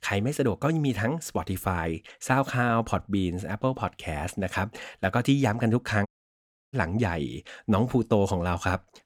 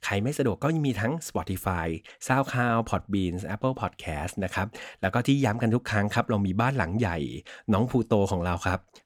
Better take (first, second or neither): second